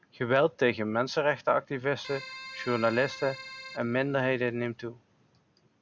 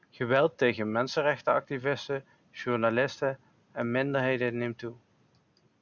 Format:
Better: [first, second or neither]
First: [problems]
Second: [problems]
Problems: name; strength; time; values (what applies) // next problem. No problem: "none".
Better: second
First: background sound (Keyboard (musical)); 15 dB below the speech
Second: none